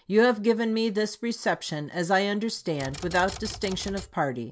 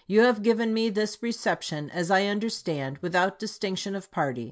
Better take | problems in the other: second | background sound (Typewriter); 14 dB below the speech

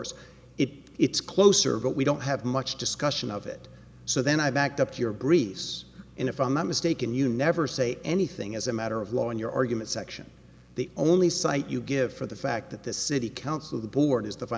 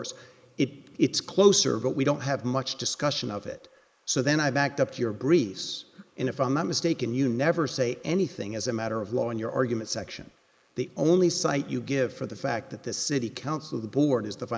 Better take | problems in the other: first | noise reduction (neural mask model Resemble Enhance denoiser)

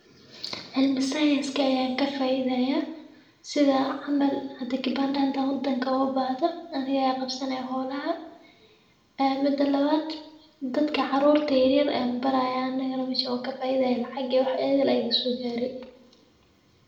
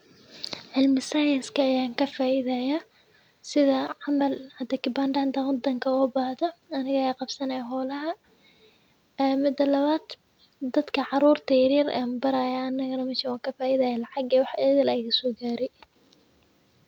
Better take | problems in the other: second | room echo; dies away in 0.7 s

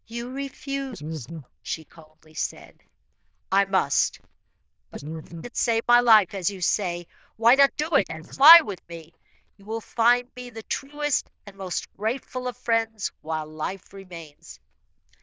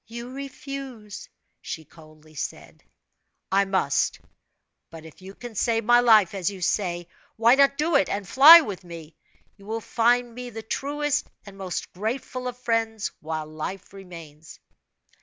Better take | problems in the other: second | noise reduction (neural diffusion model UNIVERSE++)

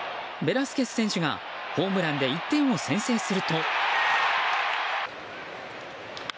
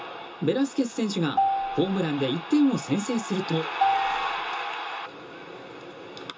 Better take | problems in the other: first | background sound (Marimba, xylophone); 4 dB below the speech // room echo; dies away in 0.2 s

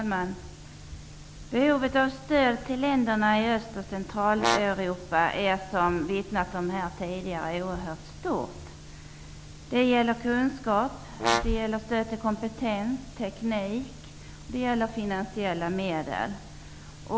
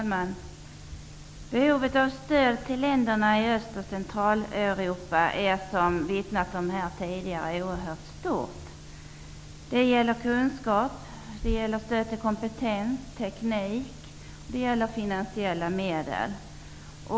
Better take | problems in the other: second | background sound (Brass instrument); 3 dB below the speech

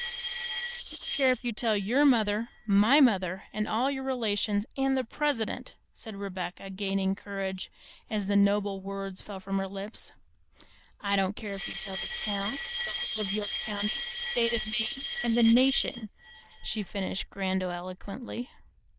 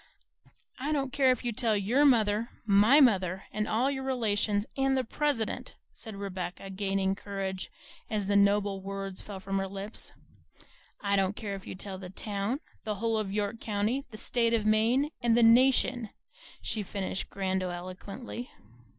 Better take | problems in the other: second | noise reduction (neural diffusion model UNIVERSE++)

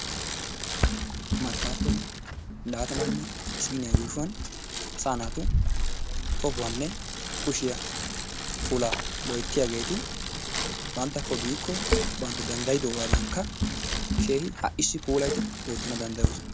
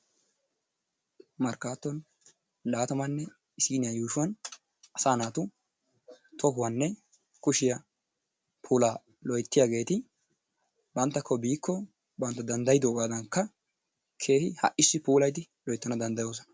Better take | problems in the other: second | background sound (Bicycle); 3 dB above the speech

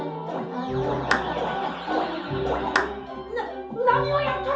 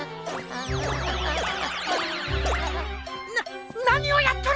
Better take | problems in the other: second | background sound (Clapping); 7 dB below the speech // room echo; dies away in 0.5 s

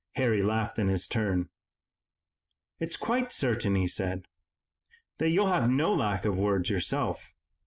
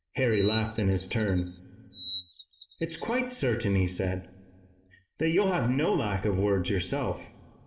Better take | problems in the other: first | background sound (Bird vocalization, bird call, bird song); 13 dB below the speech // room echo; dies away in 2.8 s

